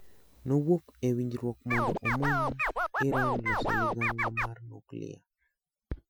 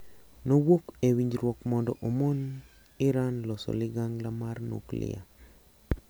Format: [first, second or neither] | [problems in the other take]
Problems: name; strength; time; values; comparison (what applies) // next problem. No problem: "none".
second | noise reduction (classical method Wiener filter)